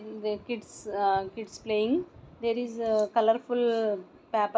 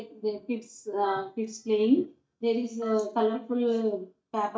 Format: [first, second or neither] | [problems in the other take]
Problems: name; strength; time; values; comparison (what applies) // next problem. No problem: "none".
first | noise reduction (neural mask model DeepFilterNet 3)